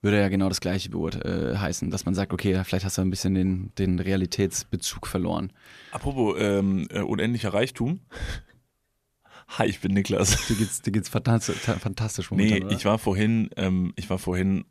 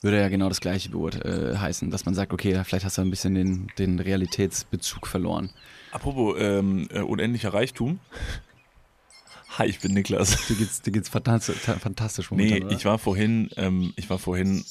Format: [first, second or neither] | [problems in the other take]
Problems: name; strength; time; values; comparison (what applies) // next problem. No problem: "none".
first | animal sounds; faint; throughout; 25 dB below the speech